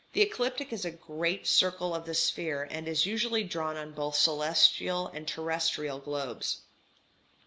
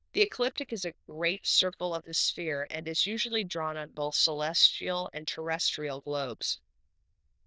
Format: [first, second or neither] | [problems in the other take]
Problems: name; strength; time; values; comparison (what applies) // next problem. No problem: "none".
first | noise reduction (neural diffusion model UNIVERSE++)